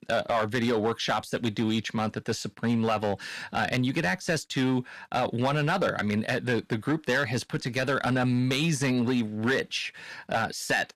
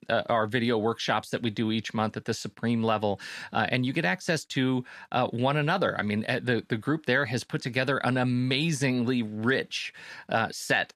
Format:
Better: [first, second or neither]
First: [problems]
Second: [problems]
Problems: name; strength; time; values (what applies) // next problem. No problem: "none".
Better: second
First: distortion; slight; 6% of the sound clipped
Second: none